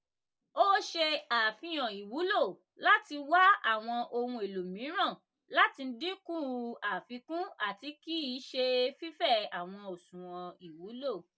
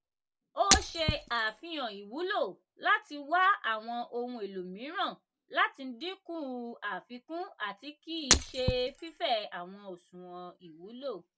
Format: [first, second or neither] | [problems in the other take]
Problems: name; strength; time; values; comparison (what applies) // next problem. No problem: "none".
first | background sound (Shatter); 3 dB above the speech